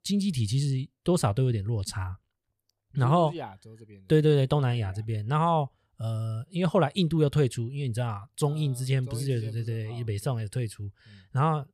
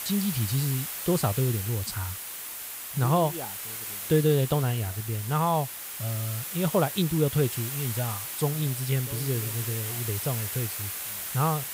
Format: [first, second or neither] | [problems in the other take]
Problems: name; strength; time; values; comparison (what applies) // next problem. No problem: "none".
first | hiss; loud; throughout; 5 dB below the speech